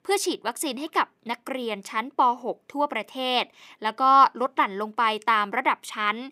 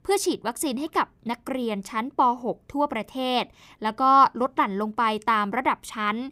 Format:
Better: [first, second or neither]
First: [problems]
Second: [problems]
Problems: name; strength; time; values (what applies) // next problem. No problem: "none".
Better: second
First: thin; very slightly; fading below 300 Hz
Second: none